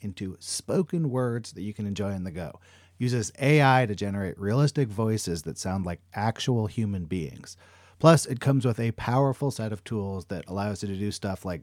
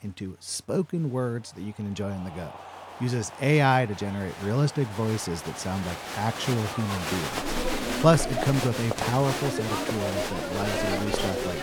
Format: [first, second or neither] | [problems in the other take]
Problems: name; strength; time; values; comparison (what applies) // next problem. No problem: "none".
first | crowd noise; loud; throughout; 4 dB below the speech